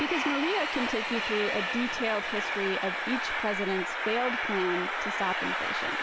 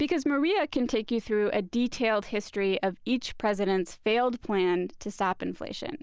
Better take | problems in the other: second | background sound (Train); as loud as the speech

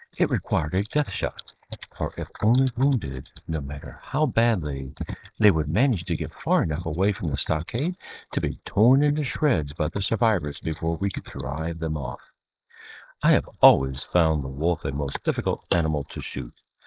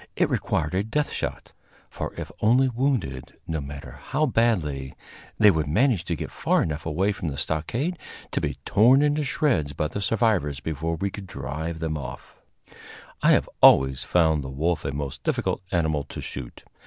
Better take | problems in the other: second | noise reduction (neural mask model Resemble Enhance denoiser)

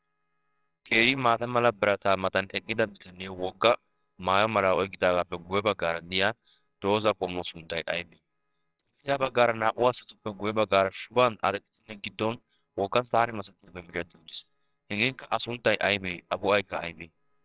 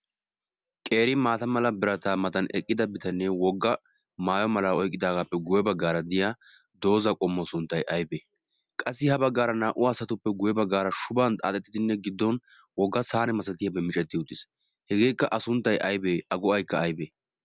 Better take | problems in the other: second | noise reduction (neural separator model SepFormer WHAMR!)

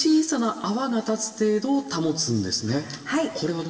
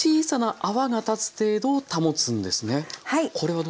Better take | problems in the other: second | room echo; dies away in 3 s

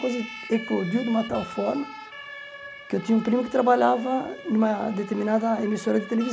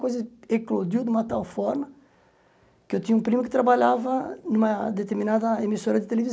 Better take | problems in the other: second | background sound (Siren); 15 dB below the speech

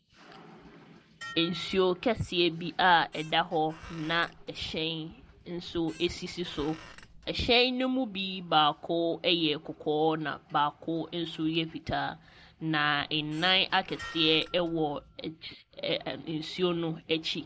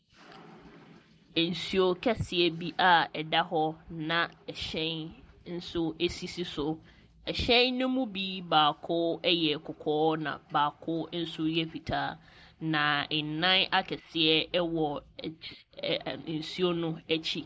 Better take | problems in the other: second | background sound (Dishes, pots, and pans + Squeak); 20 dB below the speech

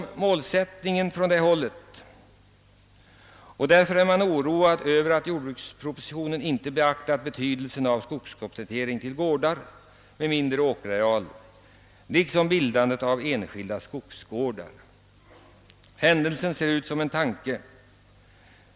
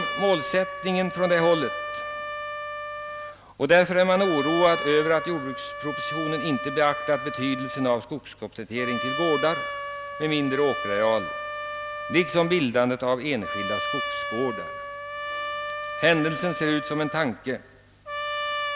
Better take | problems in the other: first | background sound (Trumpet); 6 dB below the speech

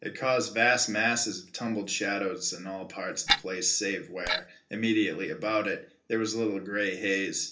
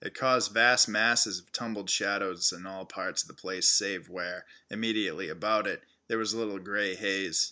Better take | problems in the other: second | background sound (Clock); 2 dB below the speech // room echo; dies away in 0.3 s

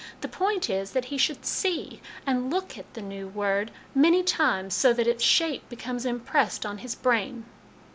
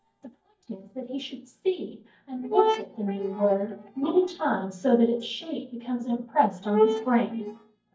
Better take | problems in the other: first | noise reduction (neural mask model DeepFilterNet 3)

